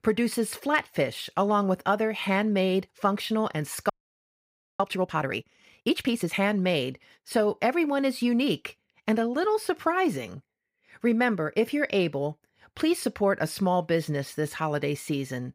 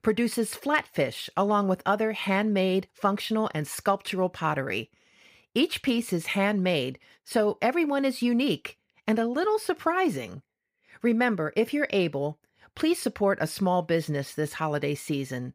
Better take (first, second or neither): second